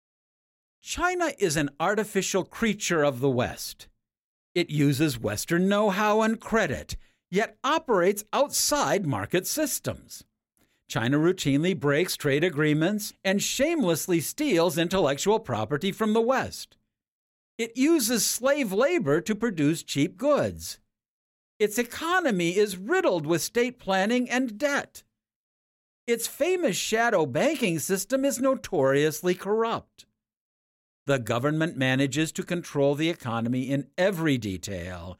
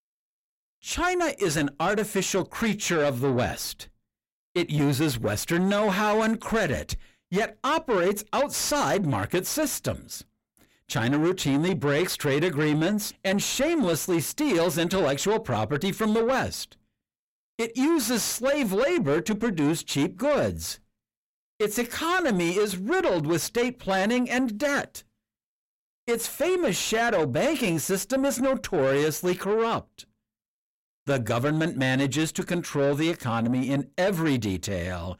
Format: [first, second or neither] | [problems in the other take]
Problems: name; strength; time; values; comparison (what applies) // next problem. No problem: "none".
first | distortion; slight; 10 dB below the speech